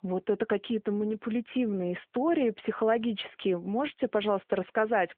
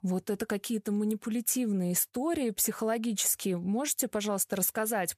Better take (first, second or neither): second